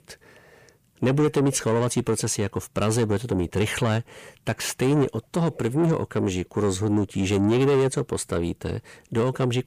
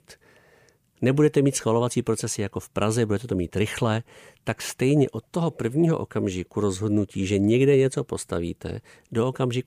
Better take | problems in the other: second | distortion; slight; 10 dB below the speech

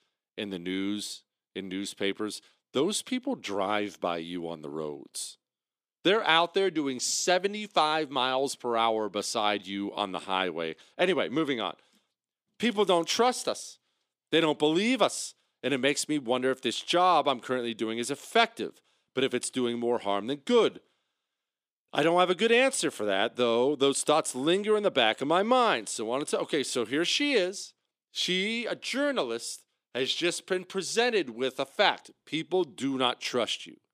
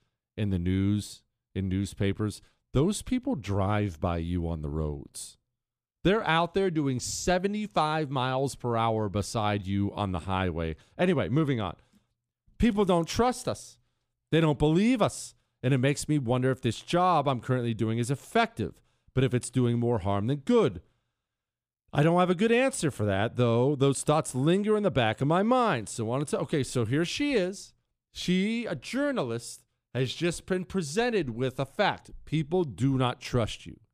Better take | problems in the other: second | thin; somewhat; fading below 300 Hz

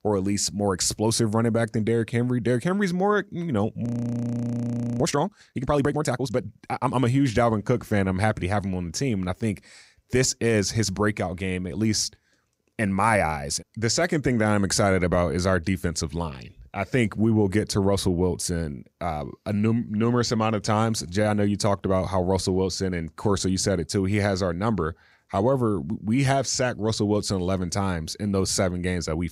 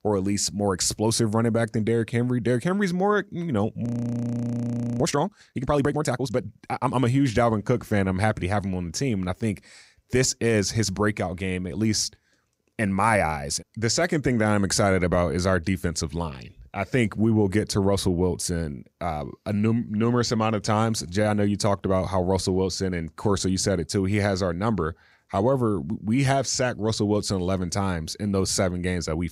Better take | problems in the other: neither | audio freezing; at 4 s for 1 s; the same in both

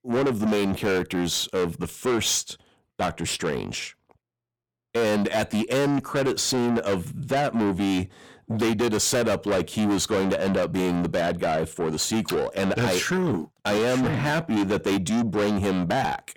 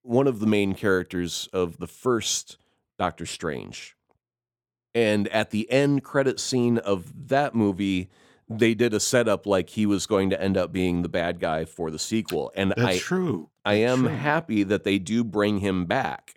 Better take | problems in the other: second | distortion; heavy; 6 dB below the speech

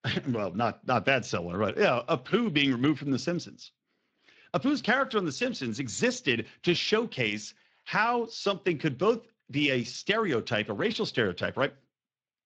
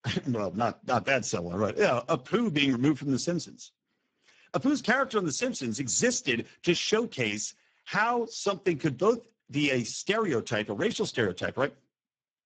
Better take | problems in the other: first | garbled, watery; badly; nothing above 7.5 kHz; slightly in the first

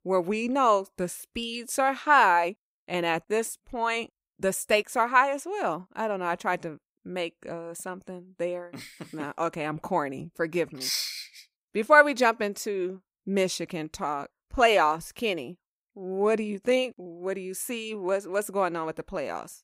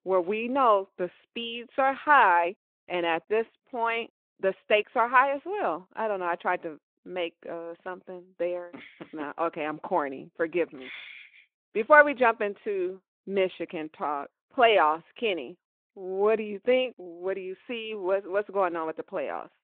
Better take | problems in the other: first | phone-call audio

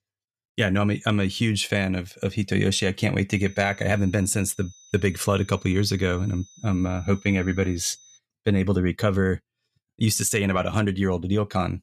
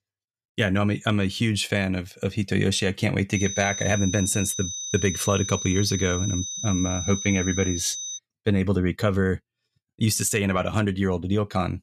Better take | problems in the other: first | high-pitched whine; loud; from 3.5 to 8 s; 6 kHz, 6 dB below the speech; faint in the first

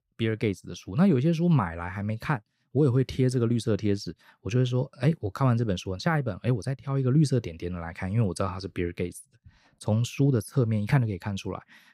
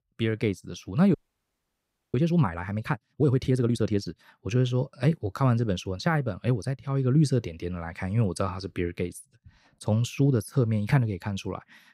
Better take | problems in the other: first | audio freezing; at 1 s for 1 s

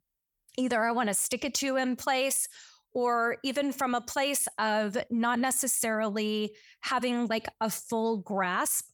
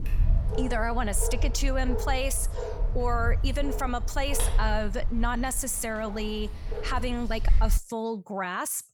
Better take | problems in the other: first | dog barking; loud; until 8 s; peak 4 dB above the speech

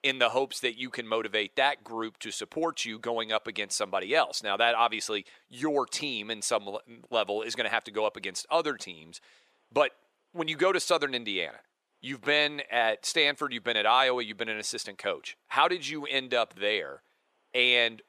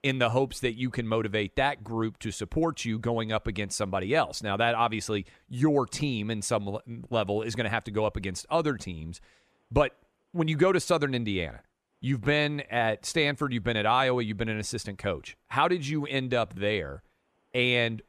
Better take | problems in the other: second | thin; somewhat; fading below 450 Hz

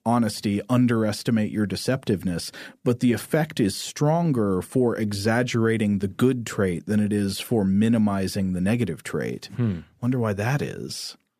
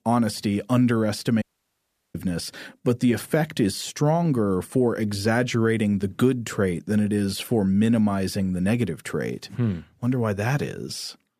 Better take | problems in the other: first | audio cutting out; at 1.5 s for 0.5 s

